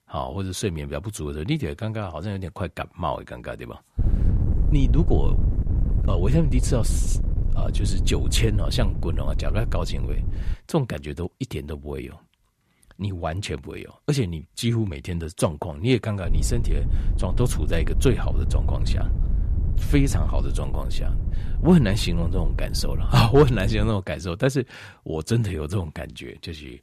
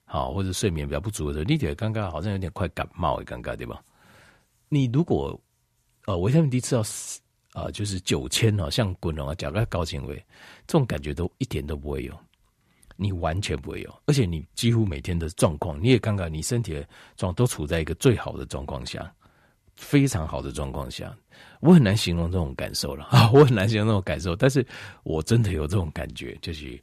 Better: second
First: wind noise on the microphone; occasional gusts; from 4 to 11 s and from 16 to 24 s; 10 dB below the speech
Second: none

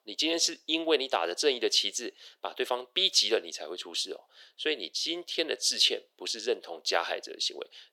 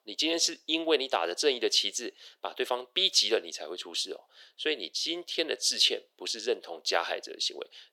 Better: neither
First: thin; very; fading below 350 Hz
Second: thin; very; fading below 350 Hz

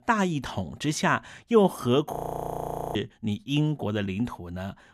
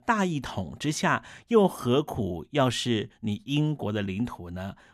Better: second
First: audio freezing; at 2 s for 1 s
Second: none

